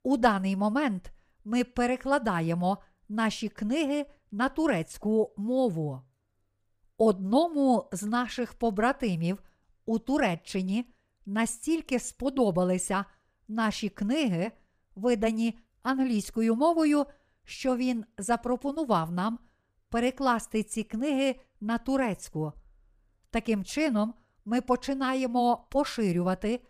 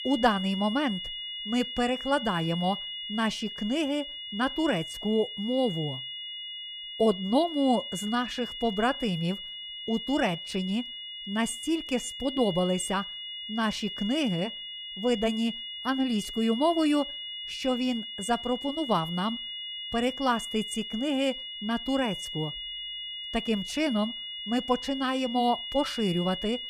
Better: first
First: none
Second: high-pitched whine; loud; throughout; 3 kHz, 6 dB below the speech

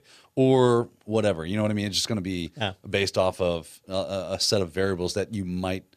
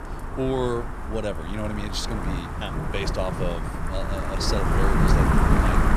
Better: first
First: none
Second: wind noise on the microphone; heavy; 2 dB above the speech

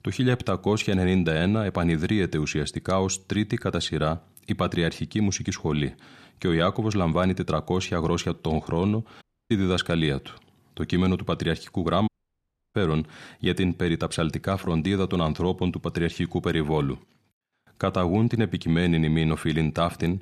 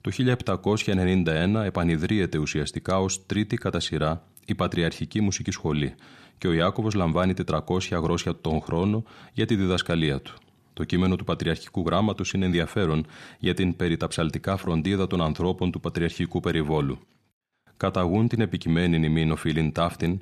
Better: second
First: audio cutting out; at 9 s and at 12 s for 0.5 s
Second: none

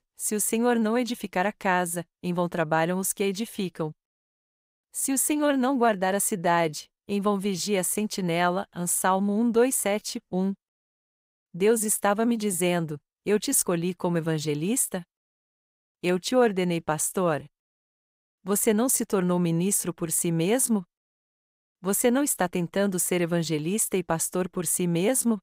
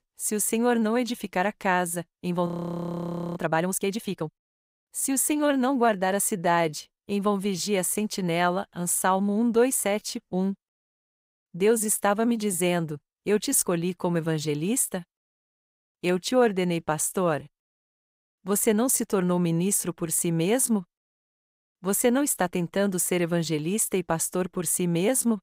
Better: first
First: none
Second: audio freezing; at 2.5 s for 1 s

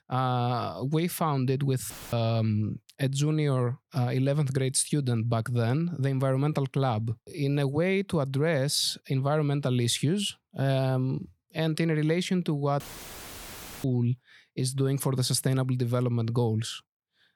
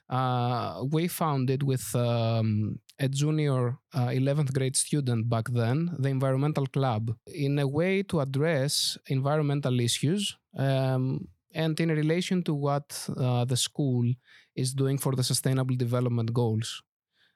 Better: second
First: audio cutting out; filled with static; at 2 s and at 13 s for 1 s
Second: none

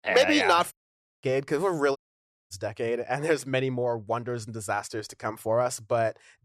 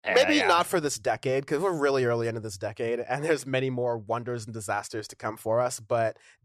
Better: second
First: audio cutting out; at 0.5 s for 0.5 s and at 2 s for 0.5 s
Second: none

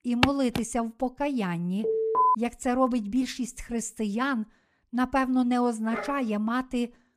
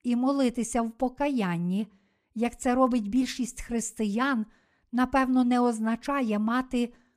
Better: second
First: footsteps; very faint; at the start; peak 1 dB above the speech // alarm; loud; at 2 s; peak 5 dB above the speech // dog barking; noticeable; at 6 s; peak 8 dB below the speech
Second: none

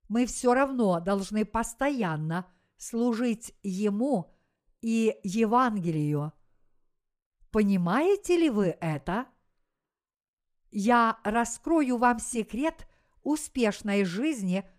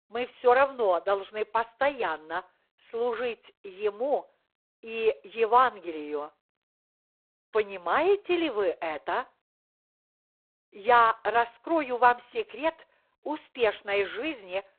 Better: first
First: none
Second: phone-call audio; poor line; nothing above 3.5 kHz

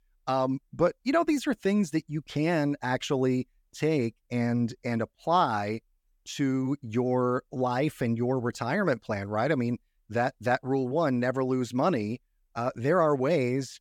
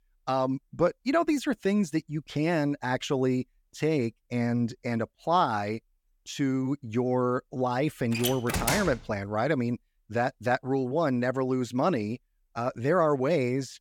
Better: first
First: none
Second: door banging; noticeable; at 8 s; peak level with the speech

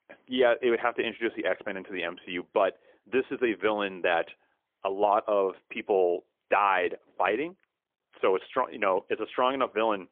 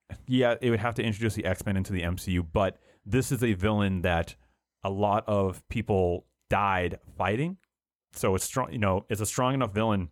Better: second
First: phone-call audio; poor line; nothing above 3.5 kHz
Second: none

